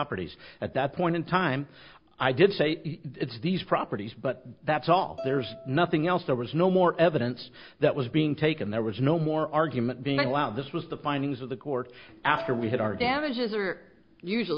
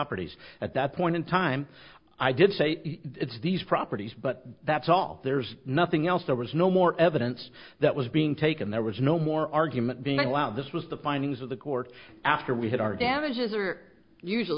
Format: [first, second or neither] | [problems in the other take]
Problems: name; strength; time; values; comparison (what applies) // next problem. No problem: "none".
second | background sound (Bowed string instrument); 17 dB below the speech